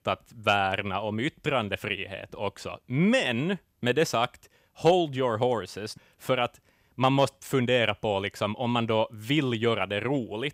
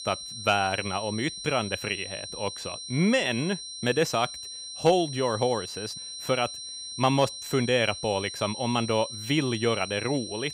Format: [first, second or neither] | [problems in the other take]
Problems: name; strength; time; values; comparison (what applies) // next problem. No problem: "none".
first | high-pitched whine; loud; throughout; 4 kHz, 9 dB below the speech